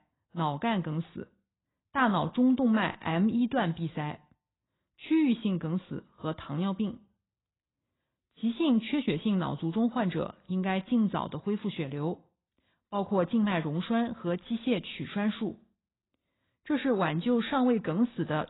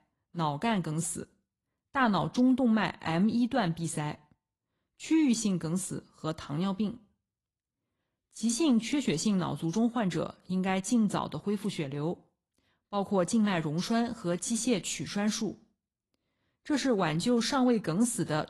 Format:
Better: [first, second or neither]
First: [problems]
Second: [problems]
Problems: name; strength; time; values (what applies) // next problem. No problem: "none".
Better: second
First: garbled, watery; badly; nothing above 4 kHz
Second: garbled, watery; slightly; nothing above 11 kHz